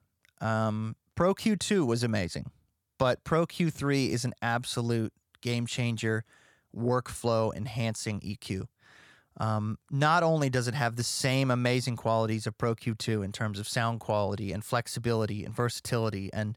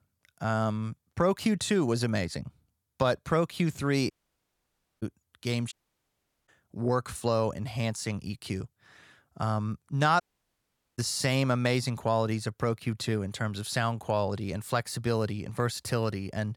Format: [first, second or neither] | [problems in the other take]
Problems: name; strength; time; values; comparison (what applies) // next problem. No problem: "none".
first | audio cutting out; at 4 s for 1 s, at 5.5 s for 1 s and at 10 s for 1 s